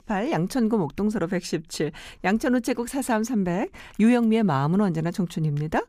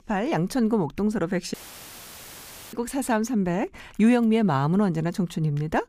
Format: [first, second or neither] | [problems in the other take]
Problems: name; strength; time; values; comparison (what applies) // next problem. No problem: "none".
first | audio cutting out; filled with static; at 1.5 s for 1 s